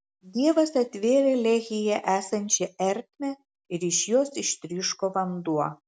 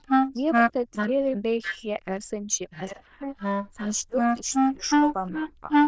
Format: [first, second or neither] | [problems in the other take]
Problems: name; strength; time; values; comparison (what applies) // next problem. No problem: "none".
first | noise reduction (neural diffusion model UNIVERSE++)